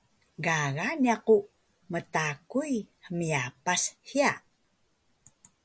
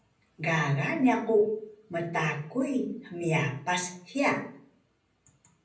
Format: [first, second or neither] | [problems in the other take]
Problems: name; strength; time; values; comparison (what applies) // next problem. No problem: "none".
first | room echo; dies away in 0.6 s